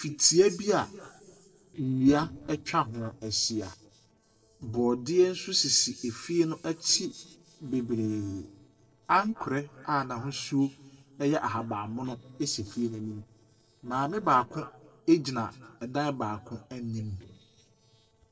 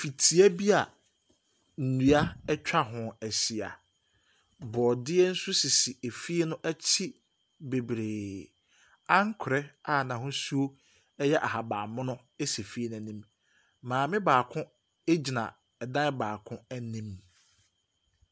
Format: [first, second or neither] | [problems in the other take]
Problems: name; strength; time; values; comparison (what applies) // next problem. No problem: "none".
second | noise reduction (neural separator model SepFormer DNS4)